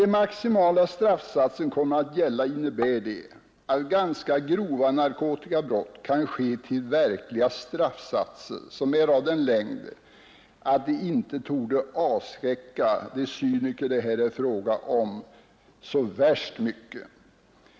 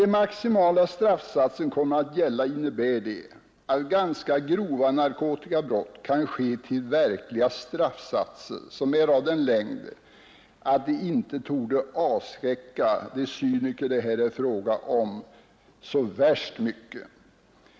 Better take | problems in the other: second | background sound (Tap); 11 dB below the speech

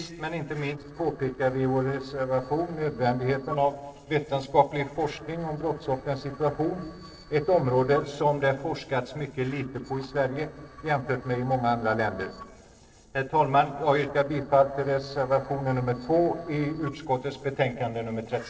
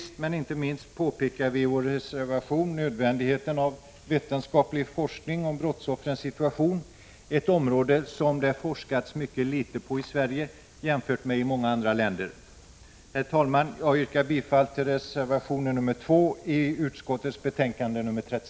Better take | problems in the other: second | noise reduction (neural separator model SepFormer DNS4)

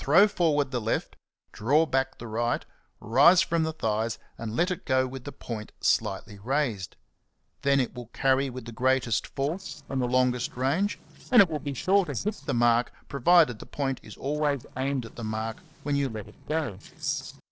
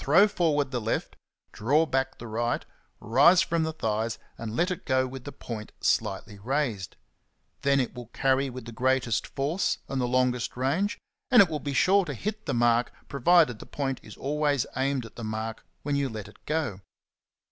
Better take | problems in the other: second | noise reduction (neural separator model SepFormer DNS4)

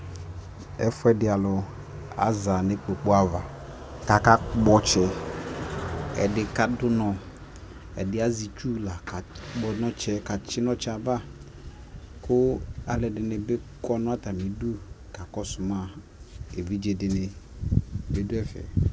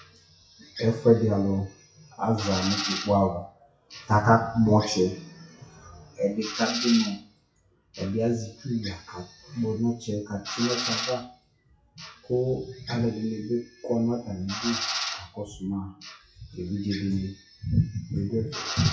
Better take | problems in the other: first | noise reduction (classical method WPE with log-MMSE)

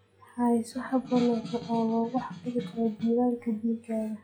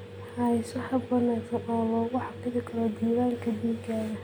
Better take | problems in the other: second | noise reduction (classical method log-MMSE)

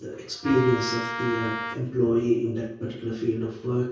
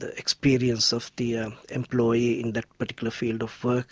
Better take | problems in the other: second | background sound (Wind instrument, woodwind instrument); 7 dB below the speech // room echo; dies away in 0.6 s

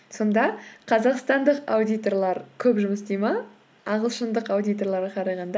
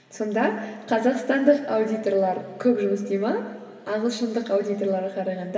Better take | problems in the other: first | room echo; dies away in 2.2 s

